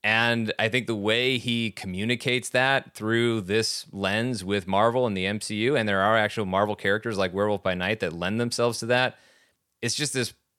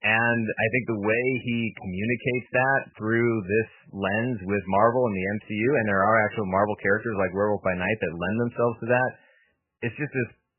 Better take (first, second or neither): first